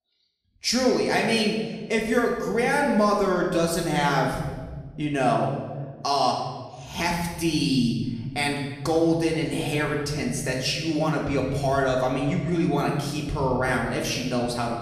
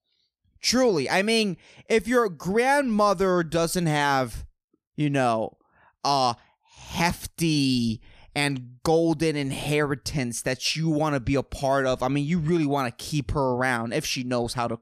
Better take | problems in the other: second | room echo; noticeable; dies away in 1.3 s // off-mic speech; far

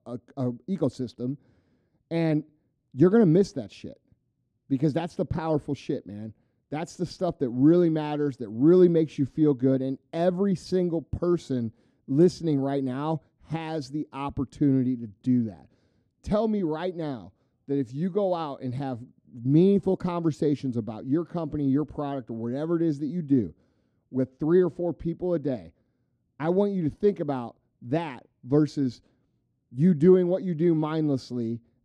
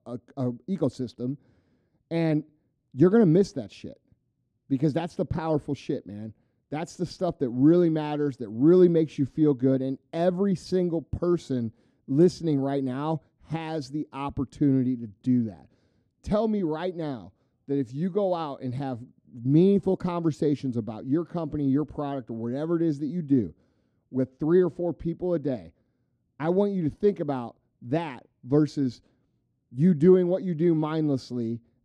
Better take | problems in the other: neither | muffled; very; fading above 1.5 kHz; the same in both

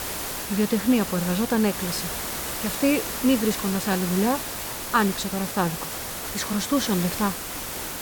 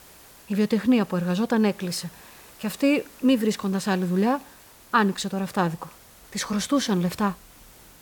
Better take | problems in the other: second | hiss; loud; throughout; 4 dB below the speech; faint in the second

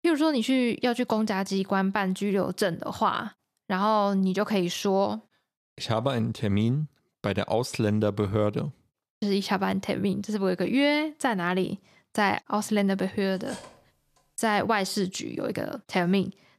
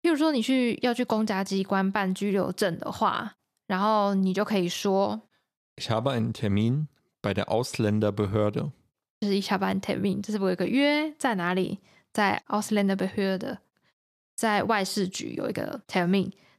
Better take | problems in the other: second | clattering dishes; faint; at 13 s; peak 15 dB below the speech

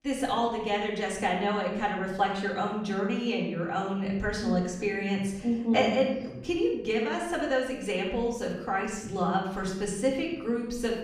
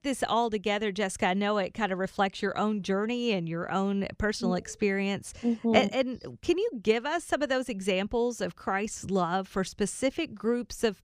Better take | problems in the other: second | off-mic speech; far // room echo; noticeable; dies away in 0.8 s

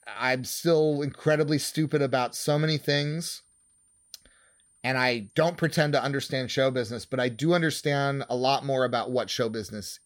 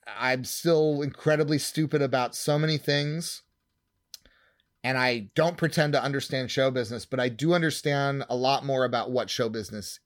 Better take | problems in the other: second | high-pitched whine; faint; throughout; 9 kHz, 35 dB below the speech

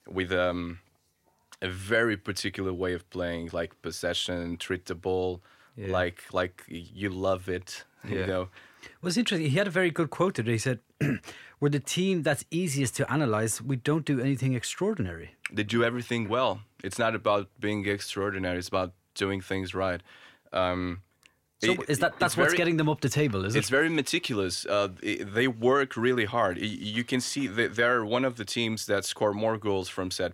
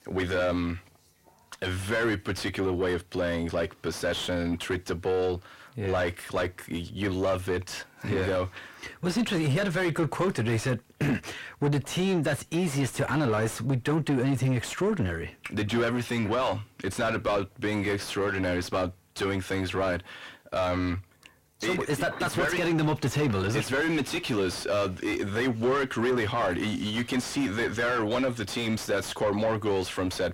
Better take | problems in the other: first | distortion; heavy; 6 dB below the speech

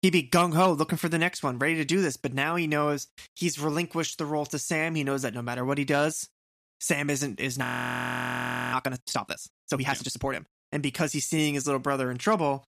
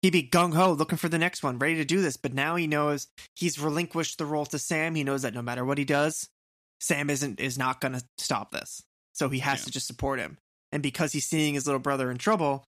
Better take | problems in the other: second | audio freezing; at 7.5 s for 1 s

